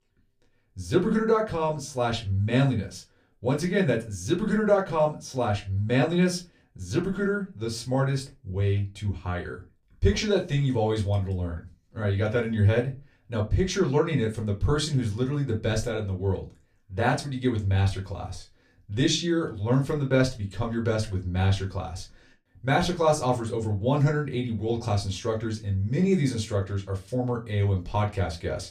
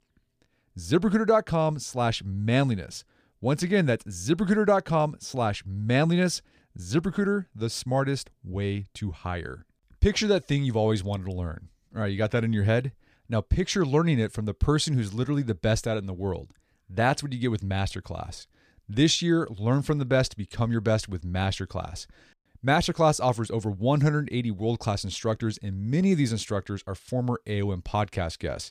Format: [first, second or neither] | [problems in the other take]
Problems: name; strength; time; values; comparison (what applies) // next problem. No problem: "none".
second | off-mic speech; somewhat distant // room echo; very slight; dies away in 0.2 s